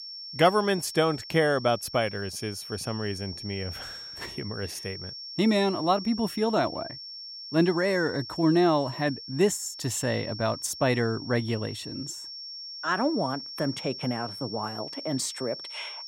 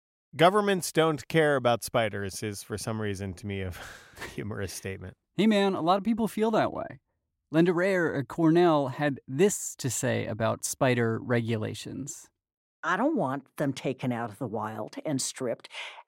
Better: second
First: high-pitched whine; noticeable; throughout; 5.5 kHz, 10 dB below the speech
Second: none

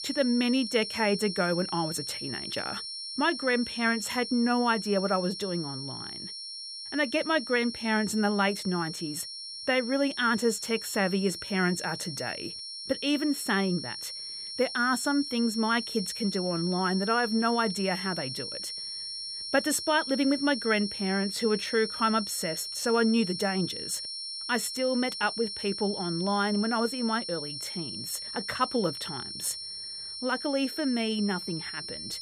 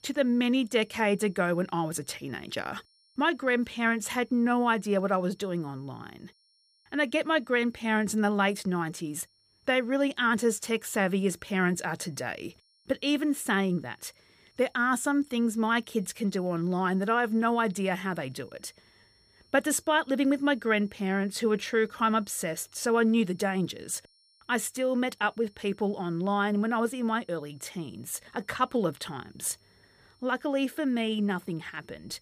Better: second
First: high-pitched whine; loud; throughout; 5.5 kHz, 6 dB below the speech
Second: high-pitched whine; faint; throughout; 5.5 kHz, 35 dB below the speech

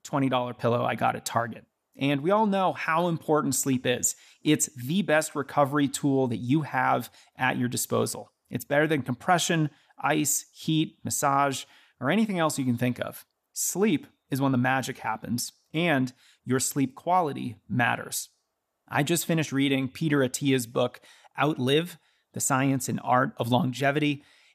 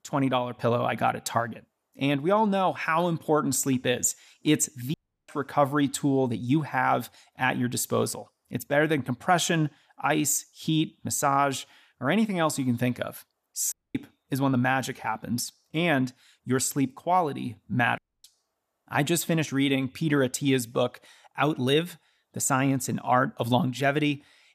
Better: first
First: none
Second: audio cutting out; at 5 s, at 14 s and at 18 s

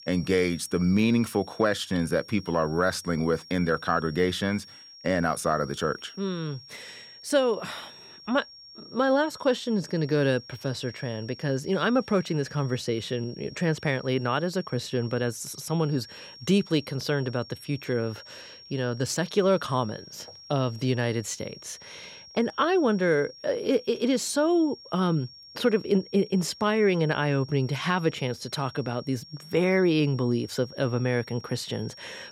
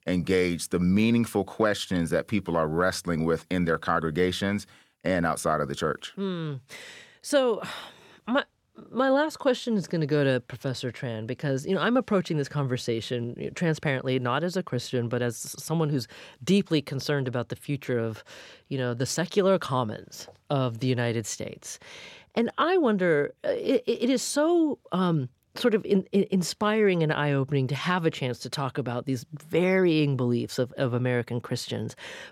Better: second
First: high-pitched whine; noticeable; throughout; 5.5 kHz, 20 dB below the speech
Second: none

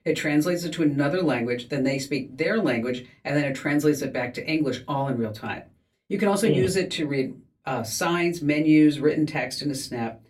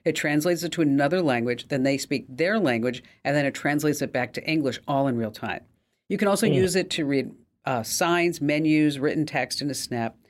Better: second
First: off-mic speech; far // room echo; very slight; dies away in 0.2 s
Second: none

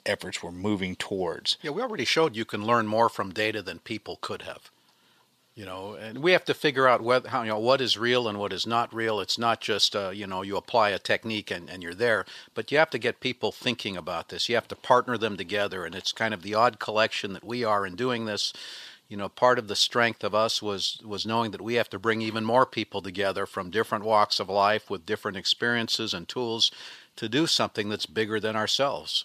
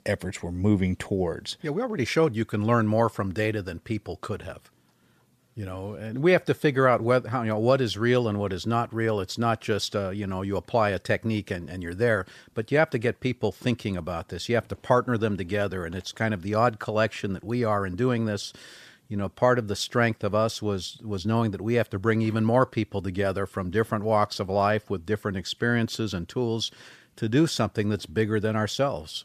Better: second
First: thin; somewhat; fading below 900 Hz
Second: none

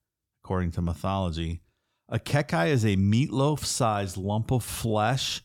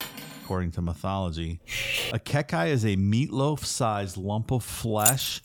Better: first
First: none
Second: clattering dishes; noticeable; at the start; peak 9 dB below the speech // clattering dishes; loud; at 1.5 s; peak 1 dB above the speech // jangling keys; loud; at 5 s; peak 5 dB above the speech

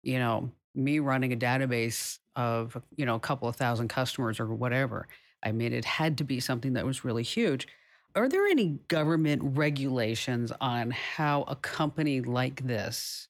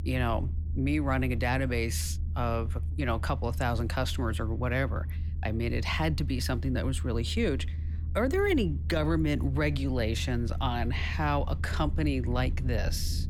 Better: first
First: none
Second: low rumble; noticeable; throughout; 20 dB below the speech

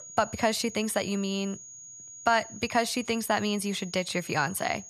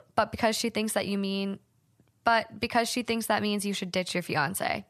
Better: second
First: high-pitched whine; noticeable; throughout; 6.5 kHz, 15 dB below the speech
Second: none

